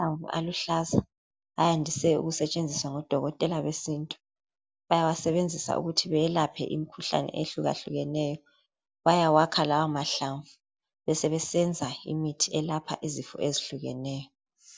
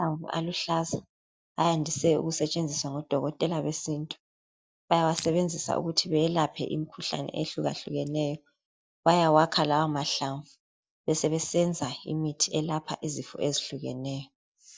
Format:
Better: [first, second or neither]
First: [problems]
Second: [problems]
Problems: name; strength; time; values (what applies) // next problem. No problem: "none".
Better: first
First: none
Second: noise reduction (neural mask model DeepFilterNet 3)